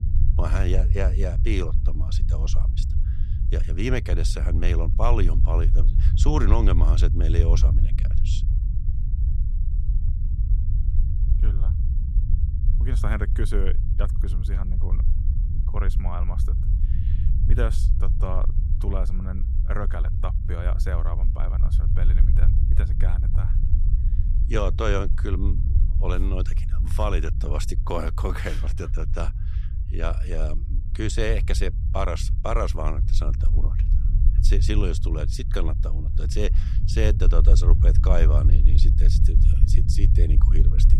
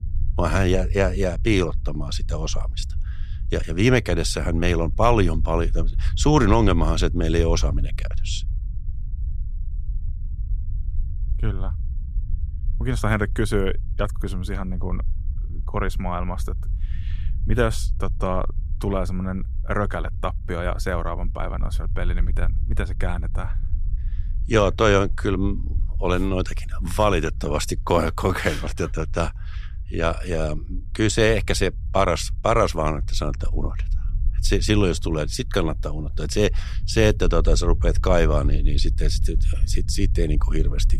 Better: second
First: low rumble; loud; throughout; 9 dB below the speech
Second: low rumble; faint; throughout; 25 dB below the speech

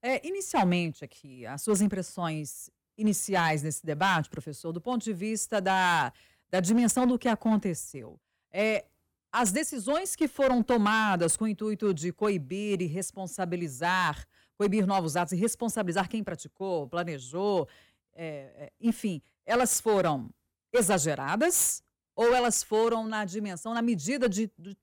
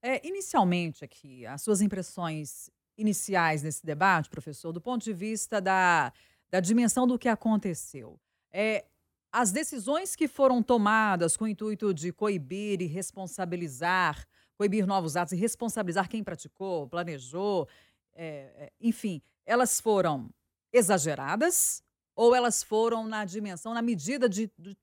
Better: second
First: distortion; slight; 4% of the sound clipped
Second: none

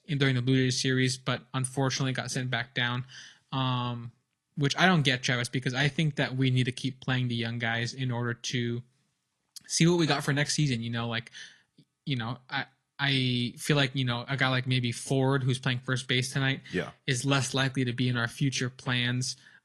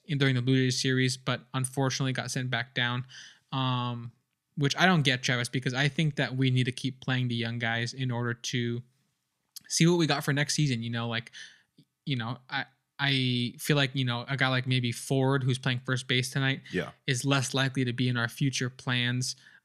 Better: second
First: garbled, watery; slightly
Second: none

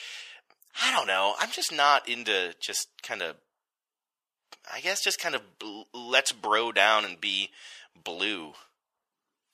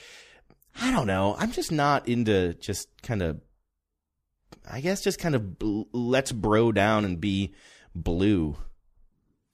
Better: second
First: thin; very; fading below 900 Hz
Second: none

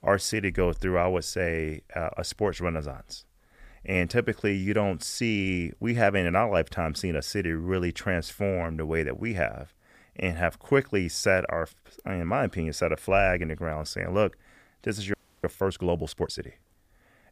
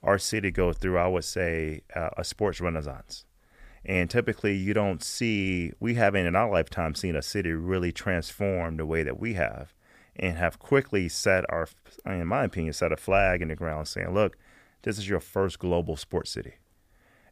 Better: second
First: audio freezing; at 15 s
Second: none

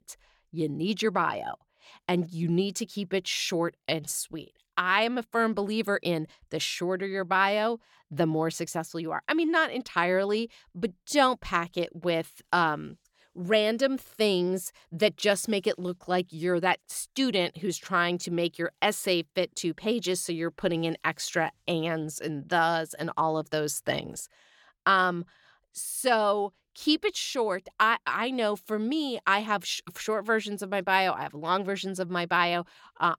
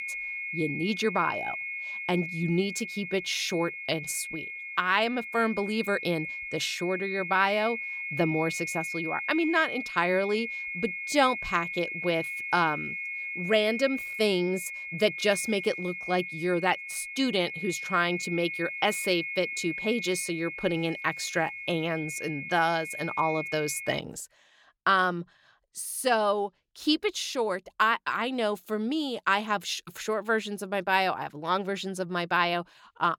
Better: first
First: none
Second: high-pitched whine; loud; until 24 s; 2 kHz, 6 dB below the speech

